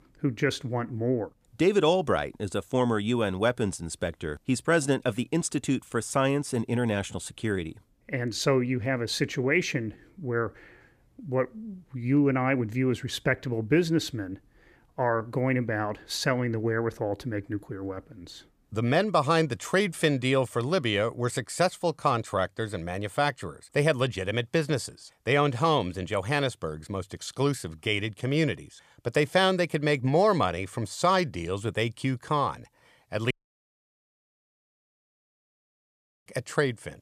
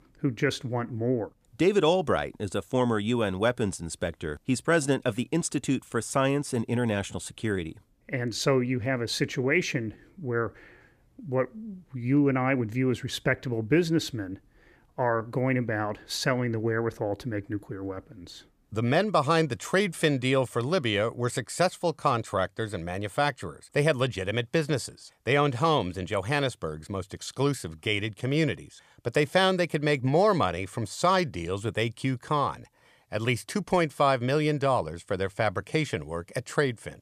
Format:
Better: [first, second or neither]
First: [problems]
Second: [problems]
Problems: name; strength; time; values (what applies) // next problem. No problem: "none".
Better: second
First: audio cutting out; at 33 s for 3 s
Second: none